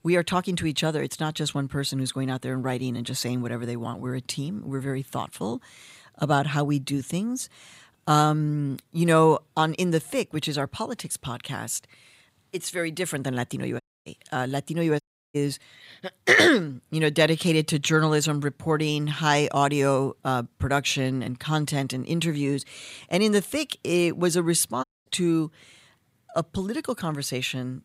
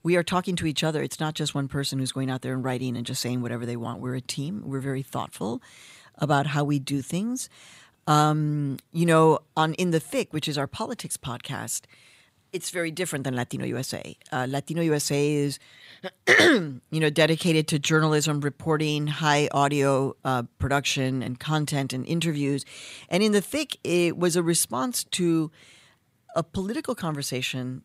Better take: second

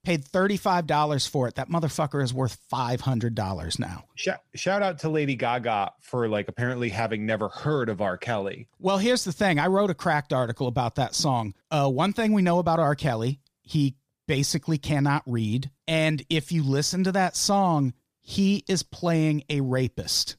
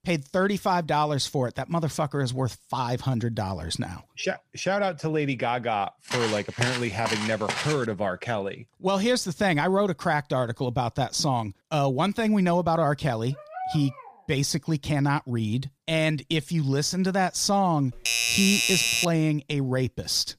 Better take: first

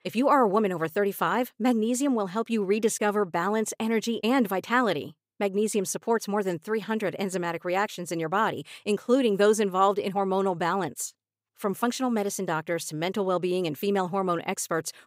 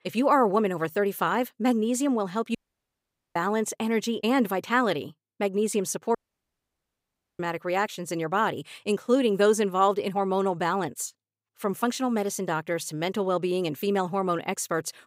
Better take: first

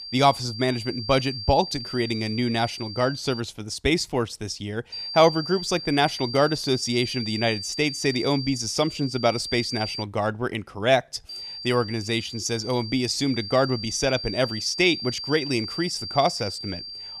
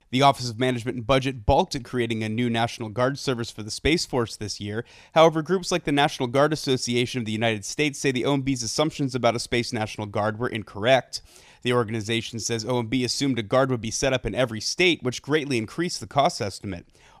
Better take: second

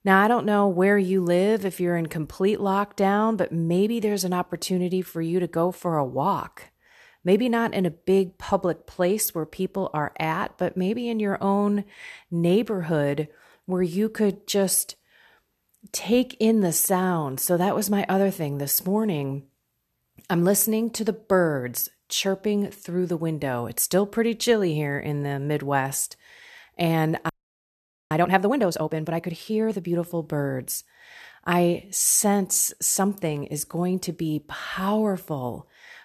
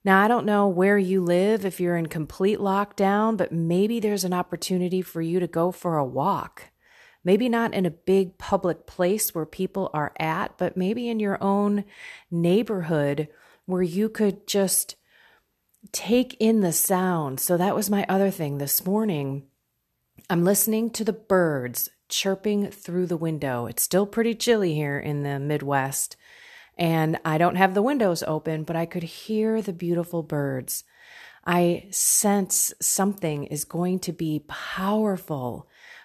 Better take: second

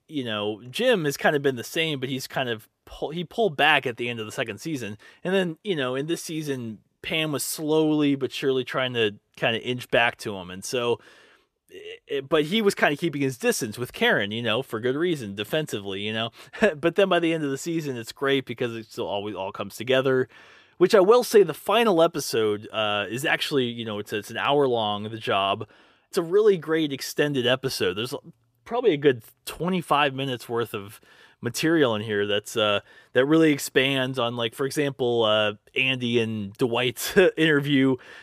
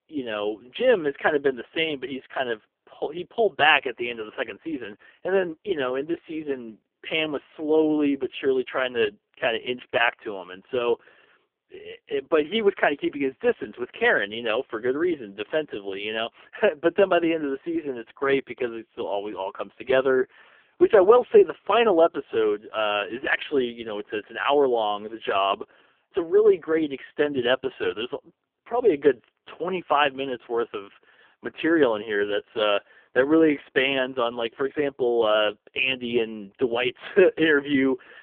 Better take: first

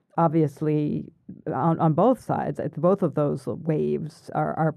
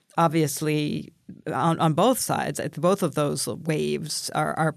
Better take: second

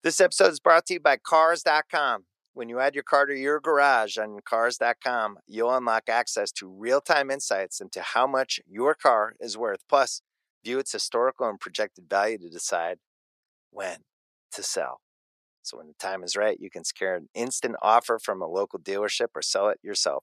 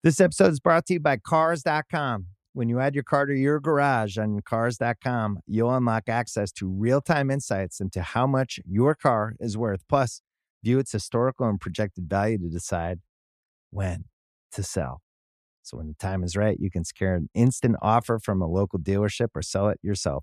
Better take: second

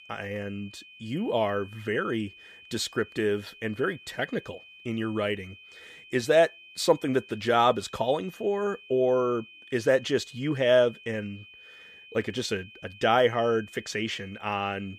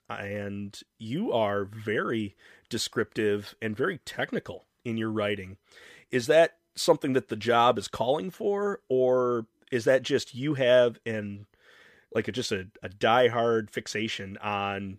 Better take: second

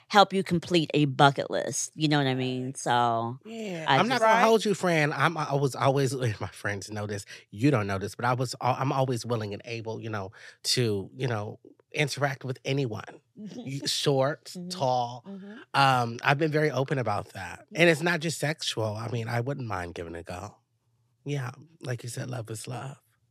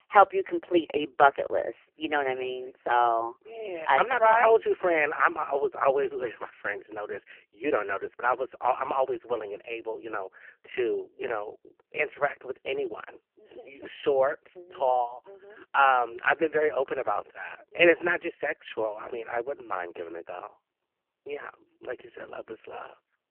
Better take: first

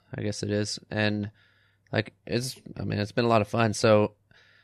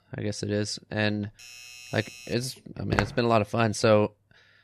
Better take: first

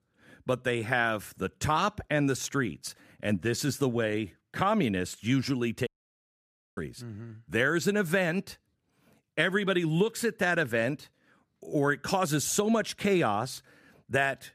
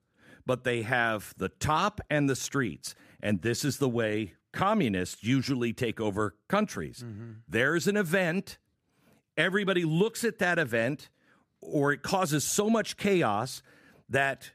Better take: second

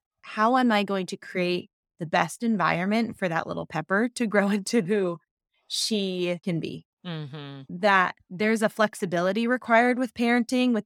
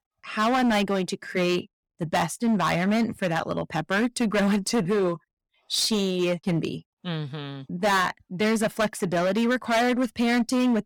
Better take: first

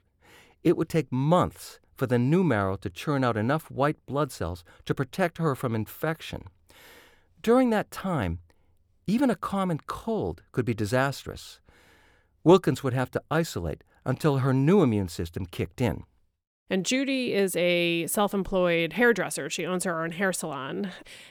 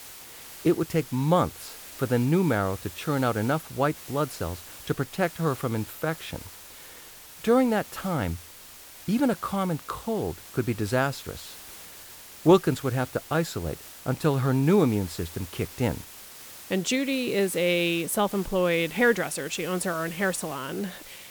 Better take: first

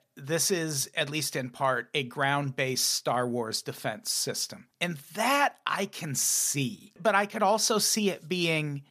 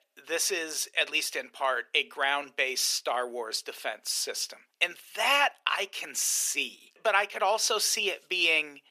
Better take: first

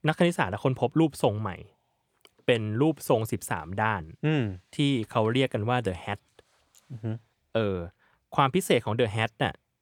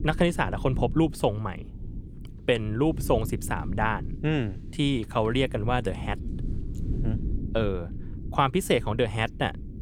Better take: first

